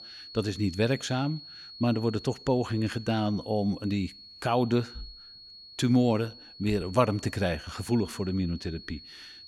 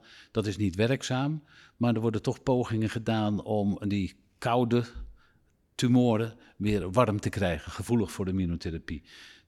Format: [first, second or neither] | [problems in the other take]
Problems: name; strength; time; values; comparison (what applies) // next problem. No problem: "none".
second | high-pitched whine; noticeable; throughout; 4.5 kHz, 15 dB below the speech